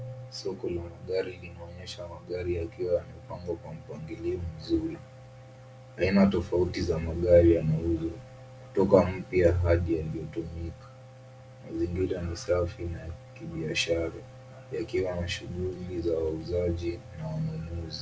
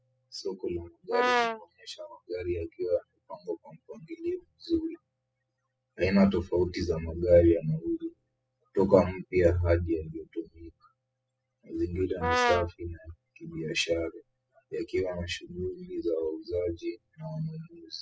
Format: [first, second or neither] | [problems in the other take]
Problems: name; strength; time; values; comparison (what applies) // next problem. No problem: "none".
first | noise reduction (classical method spectral subtraction)